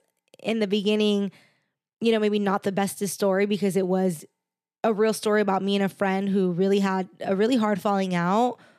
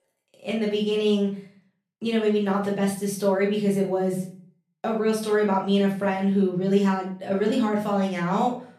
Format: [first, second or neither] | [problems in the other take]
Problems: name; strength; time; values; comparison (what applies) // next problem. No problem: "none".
first | room echo; slight; dies away in 0.4 s // off-mic speech; far